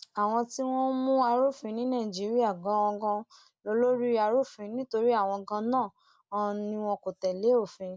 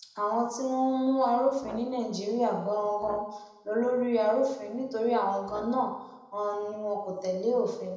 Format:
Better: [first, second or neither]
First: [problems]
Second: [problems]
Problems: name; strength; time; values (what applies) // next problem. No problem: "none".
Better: first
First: none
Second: background sound (Brass instrument); 19 dB below the speech // room echo; dies away in 0.8 s